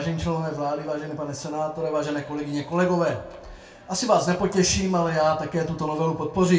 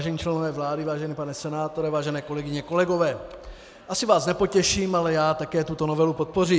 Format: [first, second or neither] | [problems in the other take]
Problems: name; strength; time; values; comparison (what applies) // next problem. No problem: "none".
second | room echo; dies away in 0.3 s